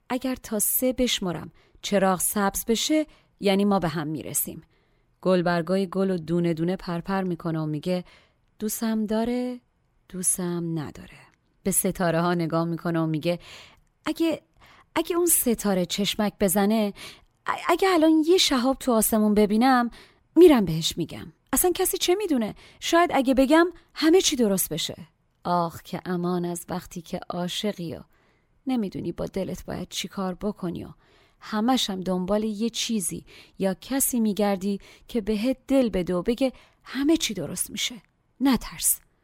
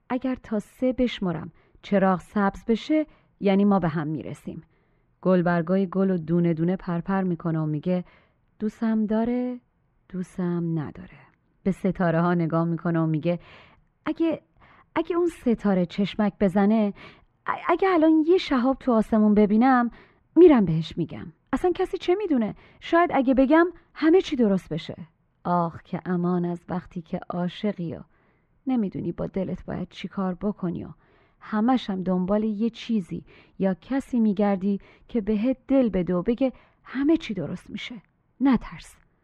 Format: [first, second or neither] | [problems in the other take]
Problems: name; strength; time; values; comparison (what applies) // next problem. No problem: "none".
first | muffled; very; fading above 2 kHz